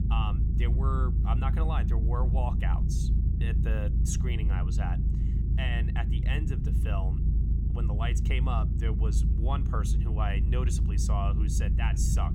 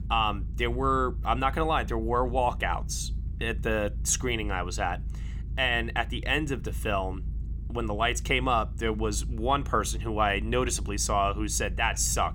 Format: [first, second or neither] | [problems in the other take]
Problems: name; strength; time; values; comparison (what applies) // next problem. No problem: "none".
second | low rumble; loud; throughout; 5 dB below the speech; faint in the second